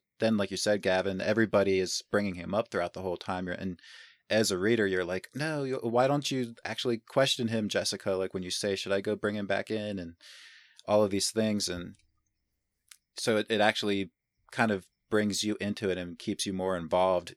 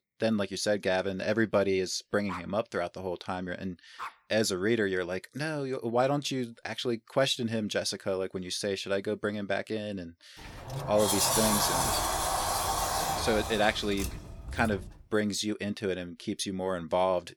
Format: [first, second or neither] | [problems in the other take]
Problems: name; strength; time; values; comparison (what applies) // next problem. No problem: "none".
first | dog barking; faint; from 2.5 to 4 s; peak 10 dB below the speech // door banging; loud; from 10 to 15 s; peak 5 dB above the speech